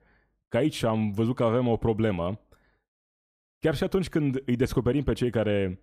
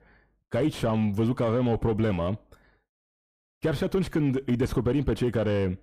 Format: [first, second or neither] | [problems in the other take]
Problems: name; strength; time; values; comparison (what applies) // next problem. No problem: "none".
first | distortion; slight; 10 dB below the speech